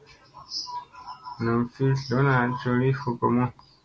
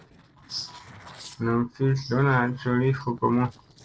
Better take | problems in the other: first | noise reduction (neural separator model SepFormer DNS4)

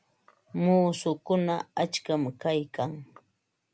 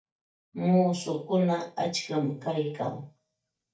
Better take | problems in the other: first | noise reduction (neural mask model DeepFilterNet 3)

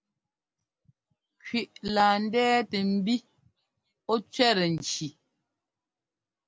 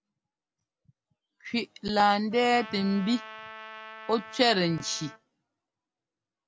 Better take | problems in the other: first | background sound (Trumpet); 15 dB below the speech

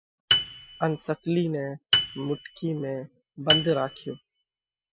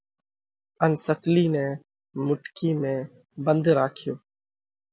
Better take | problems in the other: second | noise reduction (classical method spectral subtraction)

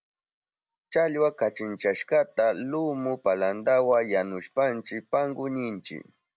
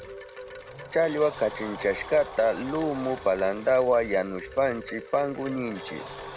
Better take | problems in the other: first | background sound (Wind chime + Sliding door); 13 dB below the speech

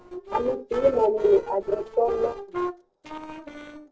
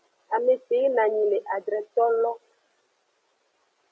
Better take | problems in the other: second | noise reduction (neural separator model SepFormer DNS4)

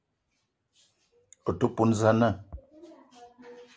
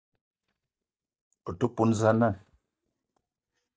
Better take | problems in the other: first | noise reduction (neural mask model DeepFilterNet 3)

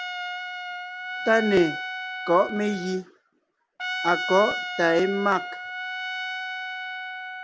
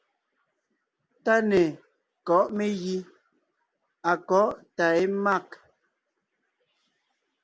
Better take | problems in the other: second | background sound (Trumpet); 6 dB below the speech

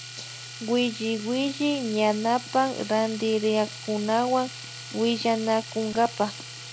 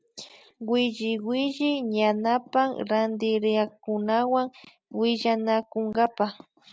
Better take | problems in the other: second | background sound (Domestic sounds, home sounds); 13 dB below the speech

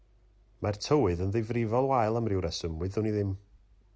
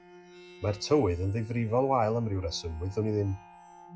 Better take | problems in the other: first | noise reduction (classical method log-MMSE)

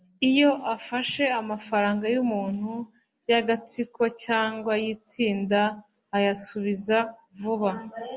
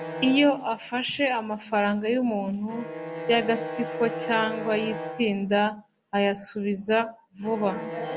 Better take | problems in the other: first | background sound (Bowed string instrument); 10 dB below the speech

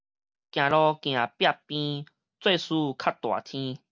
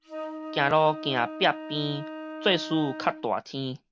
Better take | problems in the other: first | background sound (Wind instrument, woodwind instrument); 11 dB below the speech

